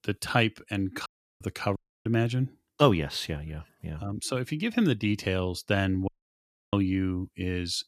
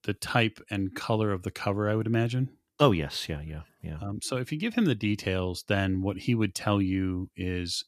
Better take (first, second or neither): second